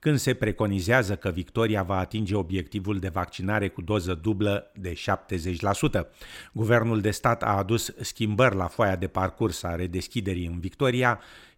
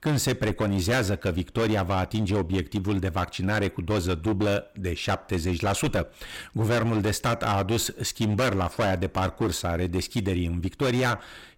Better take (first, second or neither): first